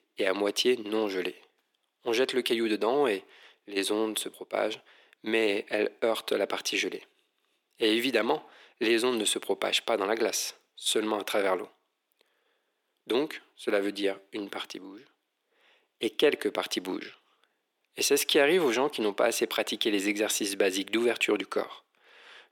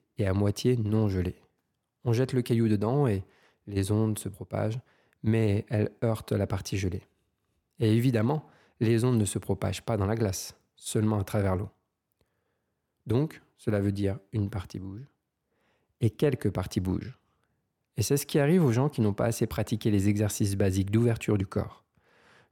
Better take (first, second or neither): second